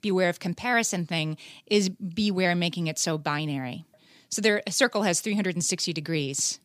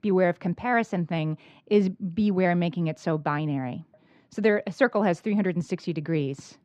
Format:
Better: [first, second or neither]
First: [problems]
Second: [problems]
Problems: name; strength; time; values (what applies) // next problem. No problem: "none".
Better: first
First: none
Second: muffled; very; fading above 3.5 kHz